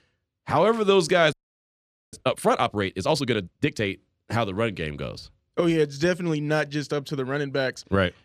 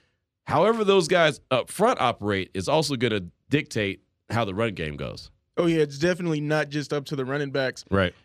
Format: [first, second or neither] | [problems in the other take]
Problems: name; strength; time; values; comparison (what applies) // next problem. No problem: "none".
second | audio freezing; at 1.5 s for 1 s